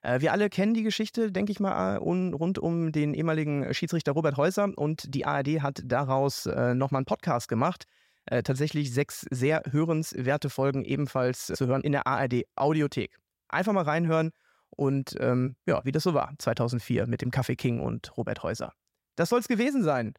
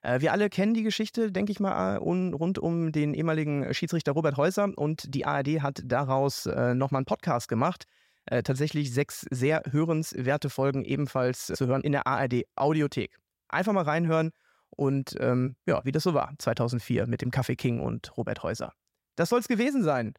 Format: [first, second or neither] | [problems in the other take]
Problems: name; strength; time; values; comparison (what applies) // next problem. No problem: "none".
neither | none